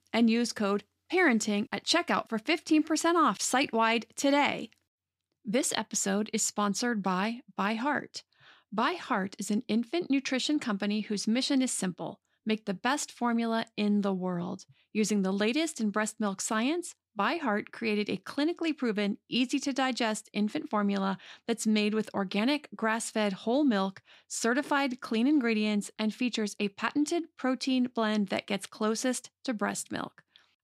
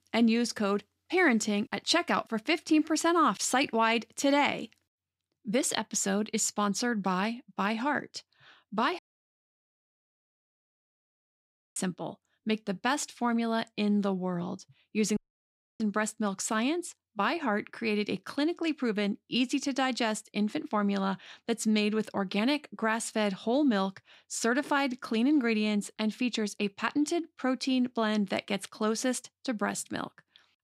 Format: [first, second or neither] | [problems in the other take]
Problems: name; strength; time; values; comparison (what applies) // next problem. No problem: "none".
first | audio cutting out; at 9 s for 3 s and at 15 s for 0.5 s